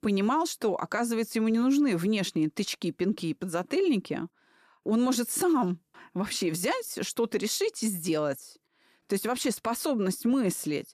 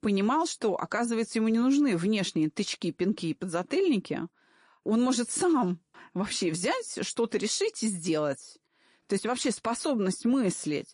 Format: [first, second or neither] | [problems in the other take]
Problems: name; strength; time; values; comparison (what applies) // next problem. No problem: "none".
first | garbled, watery; slightly; nothing above 10.5 kHz